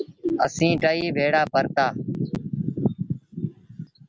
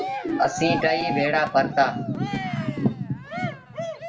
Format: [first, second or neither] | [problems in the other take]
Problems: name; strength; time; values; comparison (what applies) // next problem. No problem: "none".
first | background sound (Cheering); 8 dB below the speech // room echo; dies away in 0.4 s